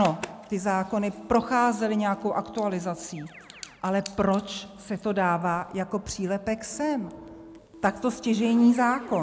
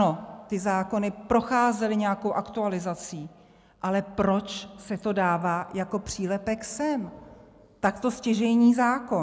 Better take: second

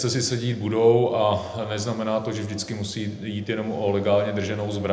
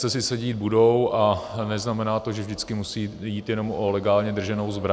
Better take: second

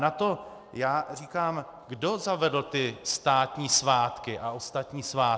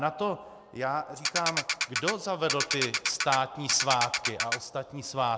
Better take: first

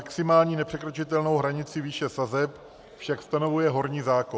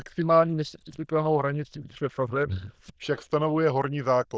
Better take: first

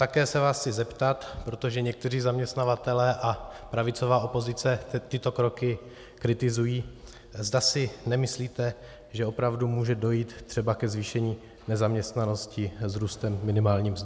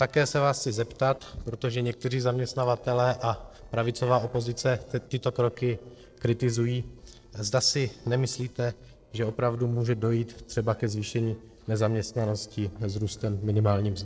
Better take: first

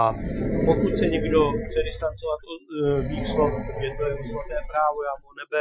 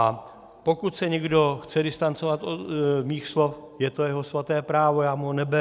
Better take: second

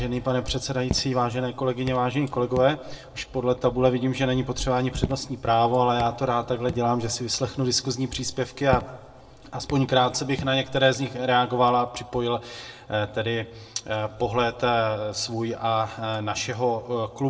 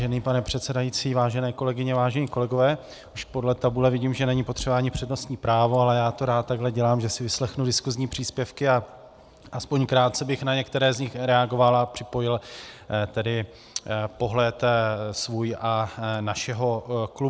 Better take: second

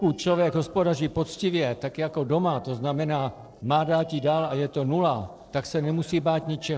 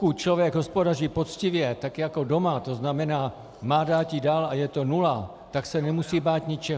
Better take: second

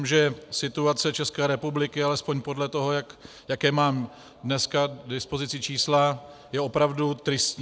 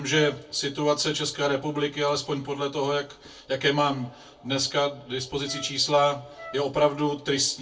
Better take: first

